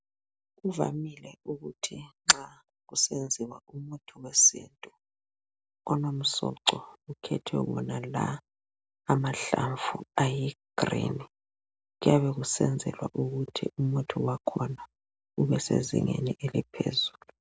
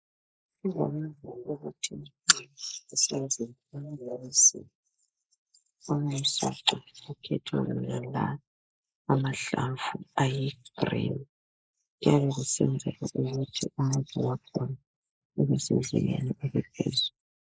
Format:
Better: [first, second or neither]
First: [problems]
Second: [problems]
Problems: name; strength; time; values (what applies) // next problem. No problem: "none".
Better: first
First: none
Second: noise reduction (neural mask model Resemble Enhance denoiser)